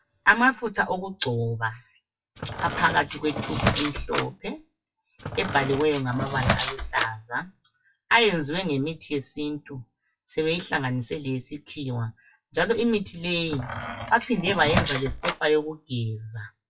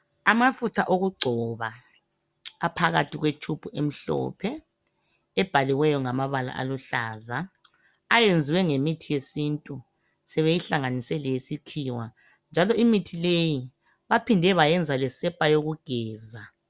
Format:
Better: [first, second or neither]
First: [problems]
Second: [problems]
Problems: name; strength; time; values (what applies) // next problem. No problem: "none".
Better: second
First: noise reduction (classical method WPE with log-MMSE)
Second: none